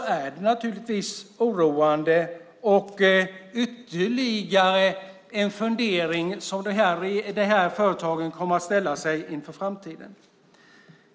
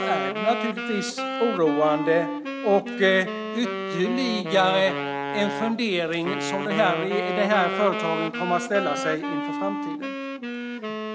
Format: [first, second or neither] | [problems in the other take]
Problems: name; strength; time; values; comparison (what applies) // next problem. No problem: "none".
first | background sound (Wind instrument, woodwind instrument); 4 dB below the speech